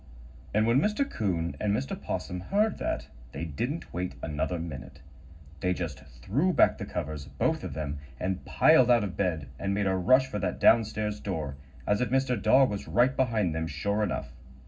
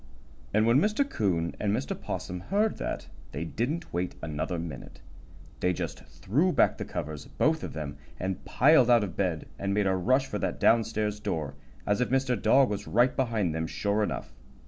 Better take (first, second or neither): second